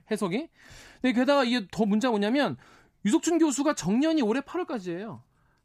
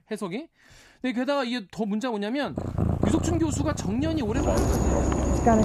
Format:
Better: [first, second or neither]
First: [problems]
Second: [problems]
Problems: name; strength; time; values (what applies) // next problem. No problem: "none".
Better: first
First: none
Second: animal sounds; very loud; from 2.5 s on; 3 dB above the speech